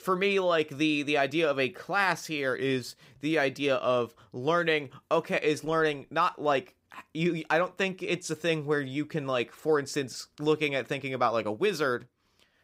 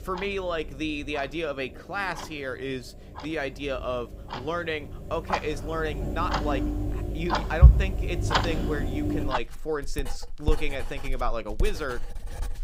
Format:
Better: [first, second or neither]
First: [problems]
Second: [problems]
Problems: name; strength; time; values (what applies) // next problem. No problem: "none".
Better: first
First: none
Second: household noises; very loud; throughout; 4 dB above the speech